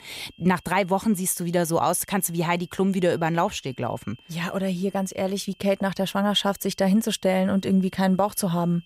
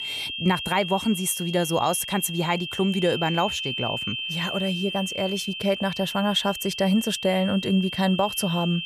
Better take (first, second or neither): first